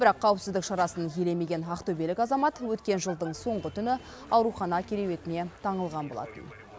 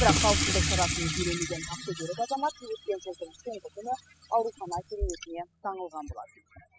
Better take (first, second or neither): first